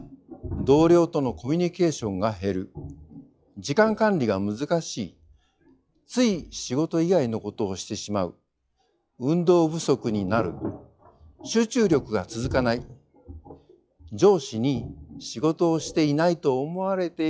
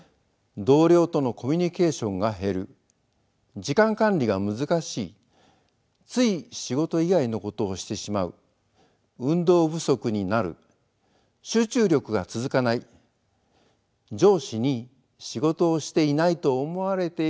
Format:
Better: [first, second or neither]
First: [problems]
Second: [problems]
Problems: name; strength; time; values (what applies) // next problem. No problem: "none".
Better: second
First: noise reduction (classical method log-MMSE)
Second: none